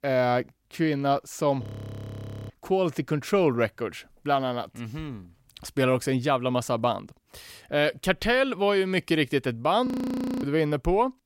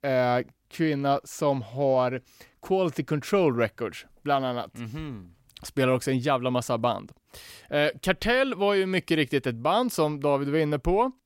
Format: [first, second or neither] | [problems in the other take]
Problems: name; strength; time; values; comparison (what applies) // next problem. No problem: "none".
second | audio freezing; at 1.5 s for 1 s and at 10 s for 0.5 s